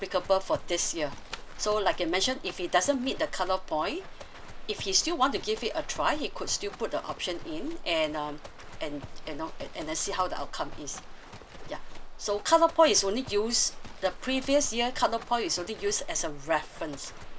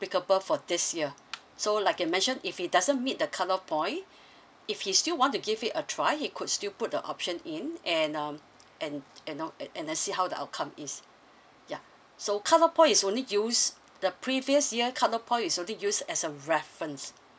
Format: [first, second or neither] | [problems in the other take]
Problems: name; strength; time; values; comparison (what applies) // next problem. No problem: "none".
second | background sound (Livestock, farm animals, working animals); 9 dB below the speech